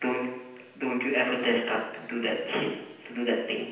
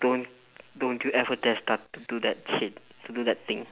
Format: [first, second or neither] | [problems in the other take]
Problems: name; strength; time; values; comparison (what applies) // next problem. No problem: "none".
second | room echo; dies away in 0.9 s